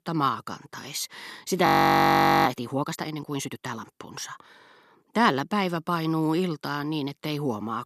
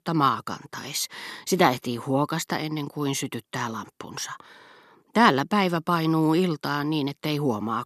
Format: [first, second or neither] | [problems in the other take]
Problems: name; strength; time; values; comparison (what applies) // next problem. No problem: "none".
second | audio freezing; at 1.5 s for 1 s